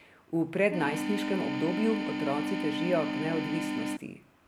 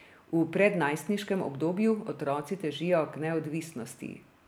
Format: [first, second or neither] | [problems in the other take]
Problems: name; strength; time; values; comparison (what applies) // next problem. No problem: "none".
second | background sound (Organ); as loud as the speech